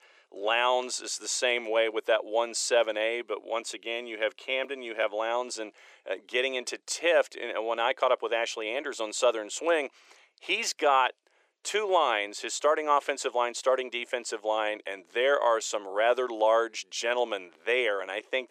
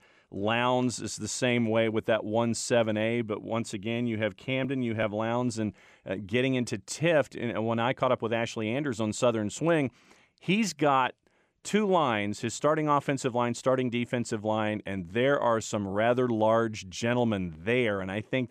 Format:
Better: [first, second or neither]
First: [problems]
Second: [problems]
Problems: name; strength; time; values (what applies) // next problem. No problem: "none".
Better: second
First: thin; very; fading below 400 Hz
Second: none